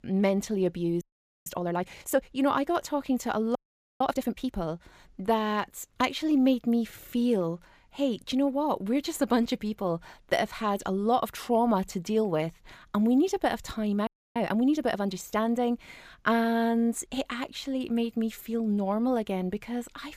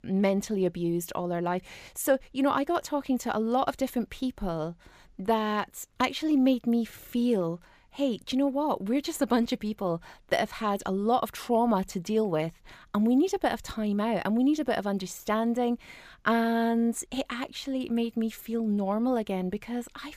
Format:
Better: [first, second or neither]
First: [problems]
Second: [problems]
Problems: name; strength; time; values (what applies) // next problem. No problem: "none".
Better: second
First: audio freezing; at 1 s, at 3.5 s and at 14 s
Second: none